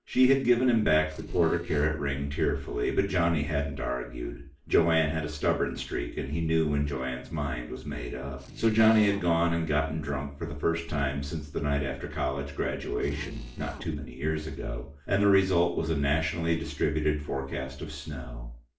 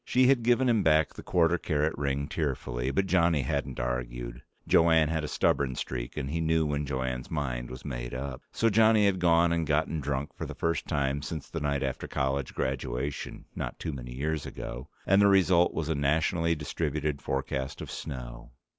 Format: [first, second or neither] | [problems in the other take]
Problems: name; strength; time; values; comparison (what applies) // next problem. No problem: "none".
second | noise reduction (neural separator model SepFormer DNS4)